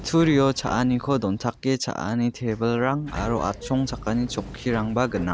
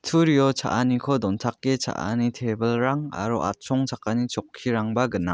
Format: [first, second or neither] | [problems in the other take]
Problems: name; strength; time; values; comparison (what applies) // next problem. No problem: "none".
second | background sound (Sliding door); 15 dB below the speech